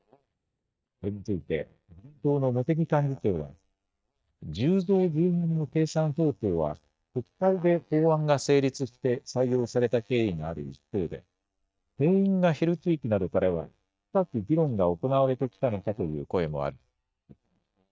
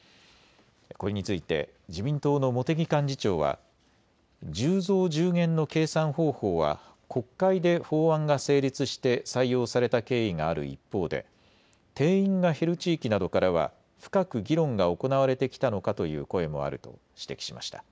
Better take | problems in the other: second | noise reduction (neural mask model DeepFilterNet 3)

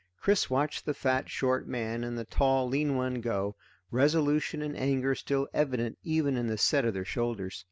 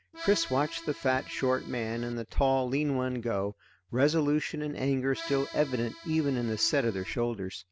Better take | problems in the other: first | background sound (Accordion); 15 dB below the speech

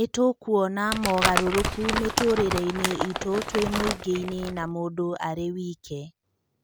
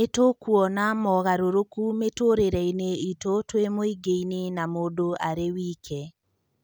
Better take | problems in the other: second | background sound (Crumpling, crinkling); 2 dB below the speech

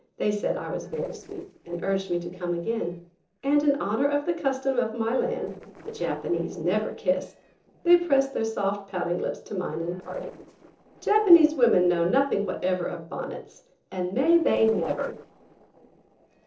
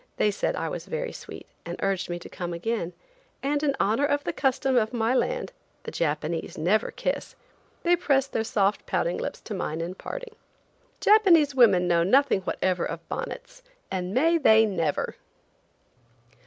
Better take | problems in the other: second | noise reduction (neural separator model SepFormer DNS4)

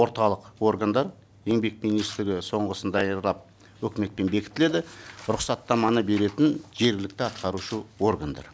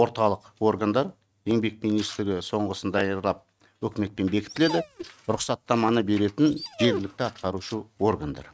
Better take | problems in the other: first | noise reduction (neural mask model RNNoise)

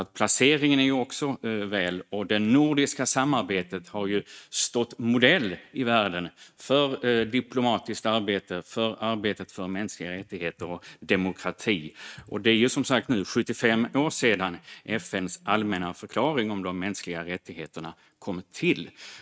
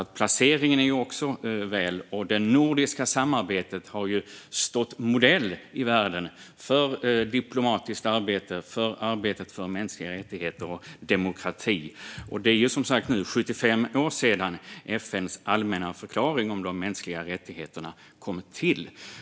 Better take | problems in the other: second | noise reduction (neural mask model RNNoise)

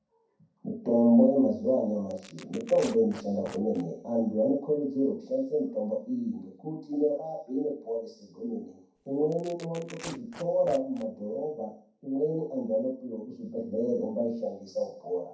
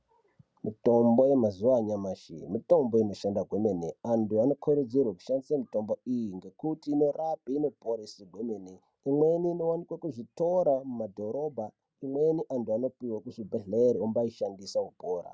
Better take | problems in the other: second | background sound (Tearing); 20 dB below the speech // room echo; dies away in 0.6 s

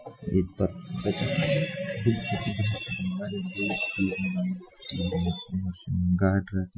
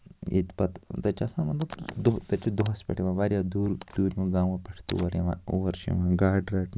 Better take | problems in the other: second | noise reduction (classical method Wiener filter)

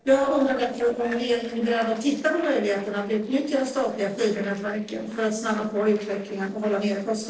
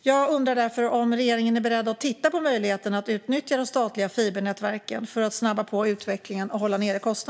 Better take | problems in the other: second | noise reduction (neural separator model SepFormer DNS4)

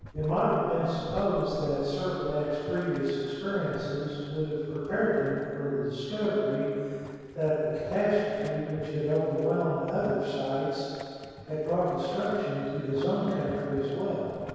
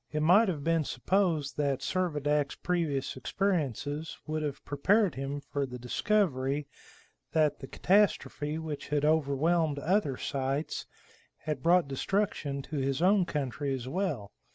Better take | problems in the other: second | background sound (Boiling); 19 dB below the speech // room echo; dies away in 2.2 s

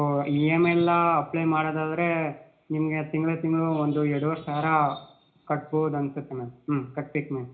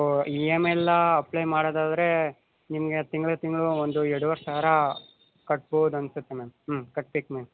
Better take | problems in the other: second | room echo; dies away in 0.4 s

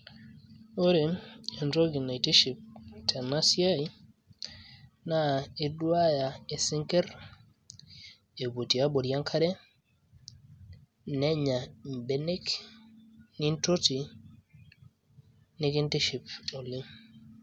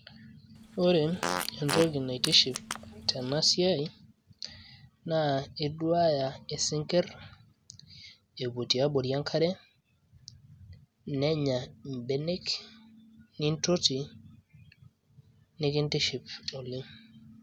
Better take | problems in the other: first | background sound (Fart); 6 dB below the speech

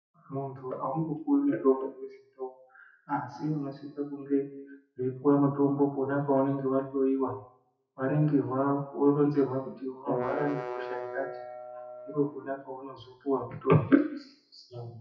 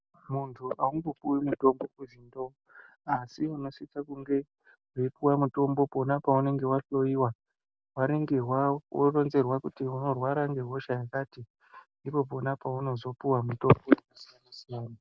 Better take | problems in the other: second | noise reduction (classical method WPE with log-MMSE)

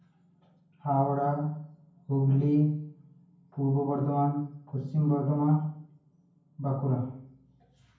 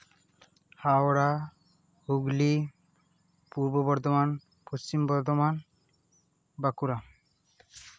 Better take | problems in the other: second | room echo; dies away in 0.9 s

